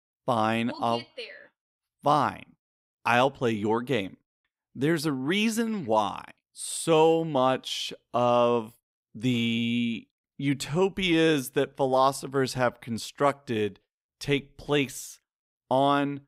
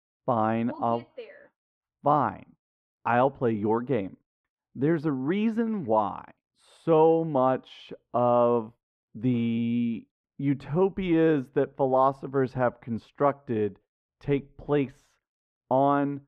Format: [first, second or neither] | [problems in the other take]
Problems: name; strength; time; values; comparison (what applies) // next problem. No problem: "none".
first | muffled; very; fading above 3.5 kHz